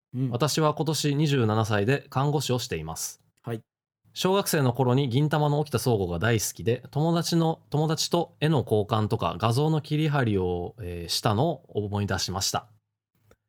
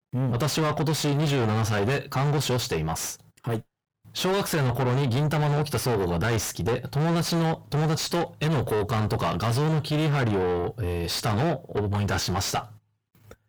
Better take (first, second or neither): first